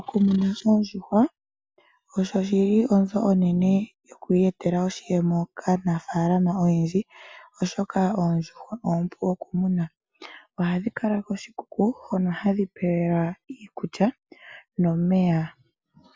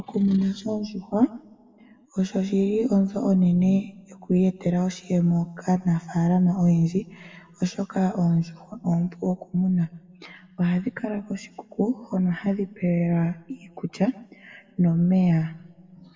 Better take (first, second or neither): first